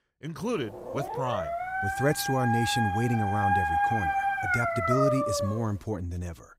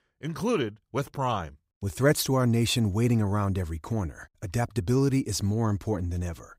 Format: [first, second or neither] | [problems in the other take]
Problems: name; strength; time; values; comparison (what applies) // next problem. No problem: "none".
second | dog barking; loud; from 0.5 to 5.5 s; peak 6 dB above the speech